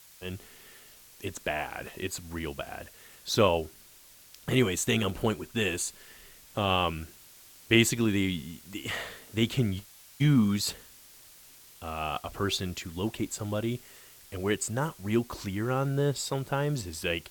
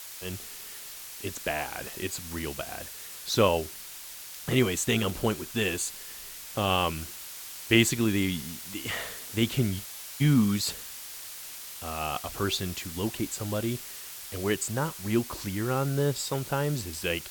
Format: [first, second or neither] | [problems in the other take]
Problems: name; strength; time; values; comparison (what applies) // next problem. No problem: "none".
first | hiss; loud; throughout; 10 dB below the speech; faint in the first